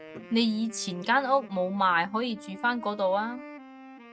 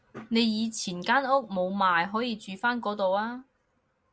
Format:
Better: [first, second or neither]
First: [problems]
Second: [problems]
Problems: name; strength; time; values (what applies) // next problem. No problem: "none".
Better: second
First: noise reduction (neural mask model RNNoise)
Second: none